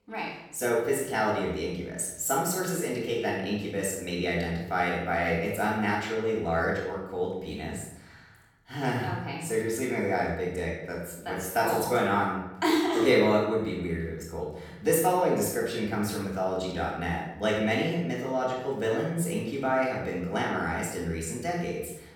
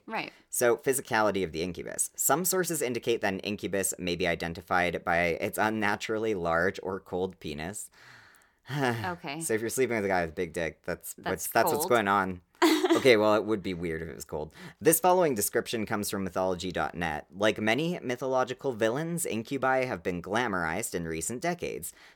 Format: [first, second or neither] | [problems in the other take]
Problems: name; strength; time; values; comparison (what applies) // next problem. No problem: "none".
second | off-mic speech; far // room echo; noticeable; dies away in 0.8 s